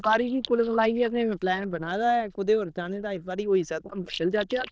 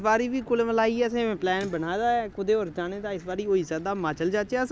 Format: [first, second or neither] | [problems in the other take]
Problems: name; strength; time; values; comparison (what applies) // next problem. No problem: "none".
second | noise reduction (neural diffusion model UNIVERSE++)